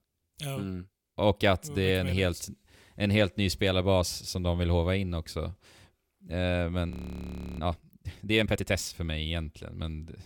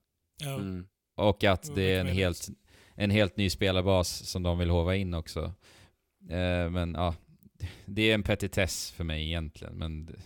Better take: second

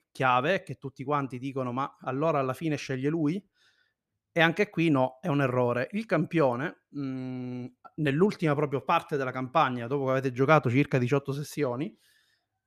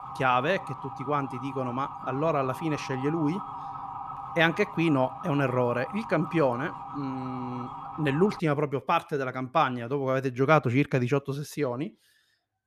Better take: first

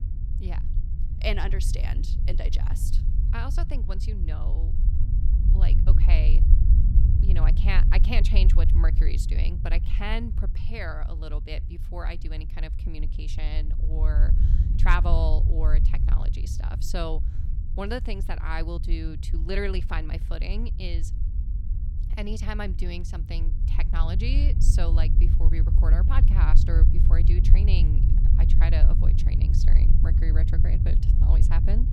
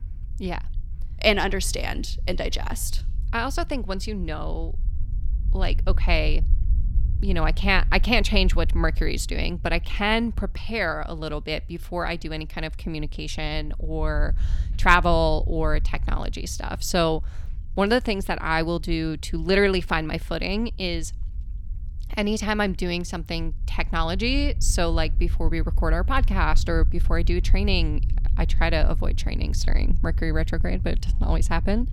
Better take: second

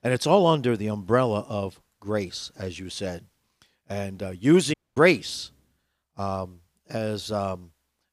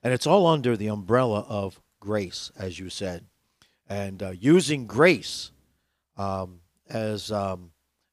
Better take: second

